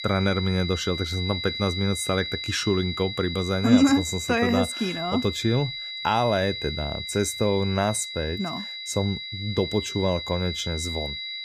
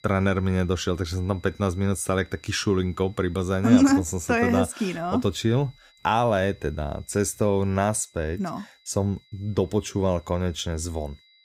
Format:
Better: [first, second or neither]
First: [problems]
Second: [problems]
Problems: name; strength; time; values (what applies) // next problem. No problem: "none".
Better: second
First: high-pitched whine; loud; throughout; 4 kHz, 6 dB below the speech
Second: high-pitched whine; faint; throughout; 4 kHz, 30 dB below the speech